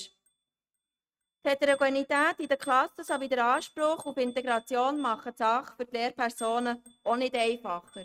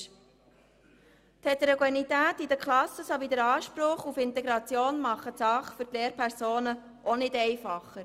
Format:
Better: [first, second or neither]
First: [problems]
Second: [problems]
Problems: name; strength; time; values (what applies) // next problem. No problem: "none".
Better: second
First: noise reduction (neural mask model RNNoise)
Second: none